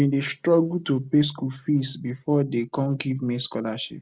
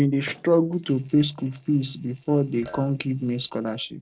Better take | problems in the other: first | noise reduction (neural separator model SepFormer DNS4)

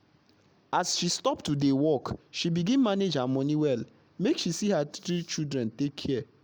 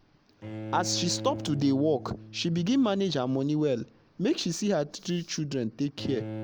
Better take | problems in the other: first | background sound (Bowed string instrument); 12 dB below the speech

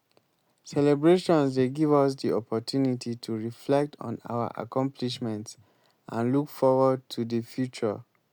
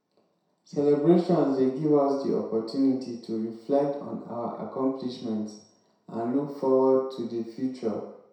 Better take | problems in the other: first | room echo; dies away in 0.7 s

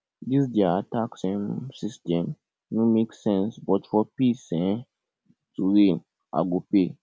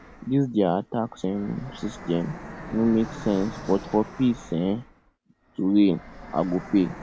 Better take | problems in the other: first | background sound (Fixed-wing aircraft, airplane); 16 dB below the speech

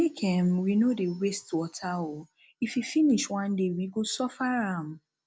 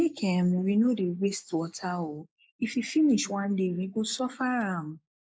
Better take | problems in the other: first | noise reduction (neural mask model Resemble Enhance denoiser)

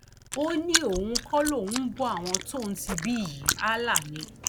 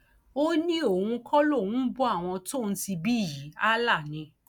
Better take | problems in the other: second | background sound (Chewing, mastication); 3 dB below the speech

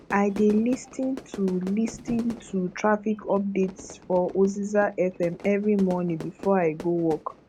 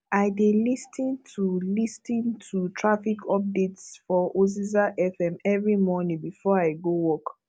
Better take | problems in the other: second | background sound (Fire / Fireworks); 17 dB below the speech

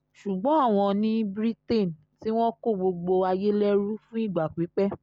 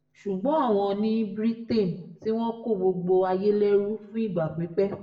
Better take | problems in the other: first | room echo; dies away in 0.5 s

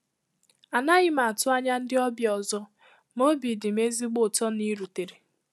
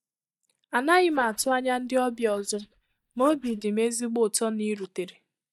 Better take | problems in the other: first | noise reduction (neural mask model DeepFilterNet 3)

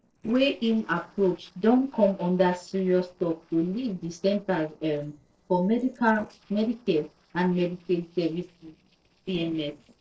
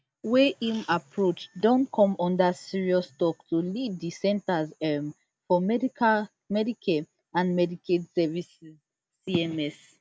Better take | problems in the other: second | noise reduction (neural separator model SepFormer DNS4)

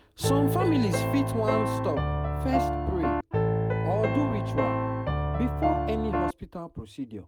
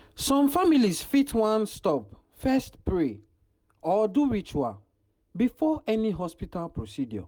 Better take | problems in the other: second | background sound (Piano); 4 dB above the speech

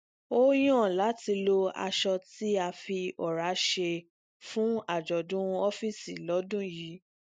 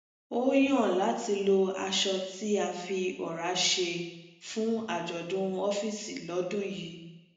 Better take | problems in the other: first | room echo; dies away in 0.9 s

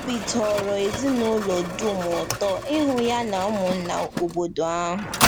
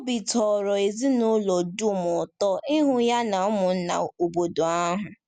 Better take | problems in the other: second | background sound (Mechanisms); 5 dB below the speech

